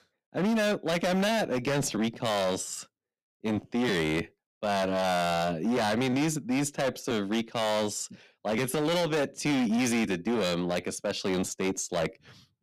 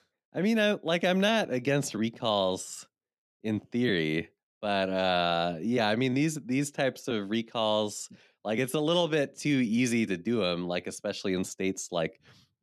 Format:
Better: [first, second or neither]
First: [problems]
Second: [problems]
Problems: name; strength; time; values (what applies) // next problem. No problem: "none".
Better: second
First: distortion; heavy; 19% of the sound clipped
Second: none